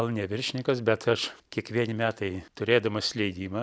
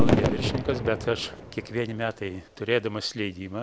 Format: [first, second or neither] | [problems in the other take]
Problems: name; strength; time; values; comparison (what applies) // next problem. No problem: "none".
first | background sound (Fireworks); 2 dB above the speech